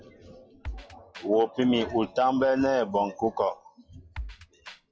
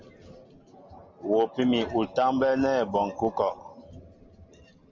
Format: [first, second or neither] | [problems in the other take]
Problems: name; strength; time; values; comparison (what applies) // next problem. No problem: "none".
second | noise reduction (classical method log-MMSE)